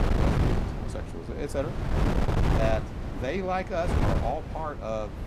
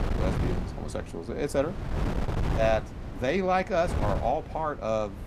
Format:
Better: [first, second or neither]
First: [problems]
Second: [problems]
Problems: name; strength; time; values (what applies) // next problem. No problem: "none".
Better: second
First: wind noise on the microphone; heavy; 3 dB below the speech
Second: wind noise on the microphone; occasional gusts; 10 dB below the speech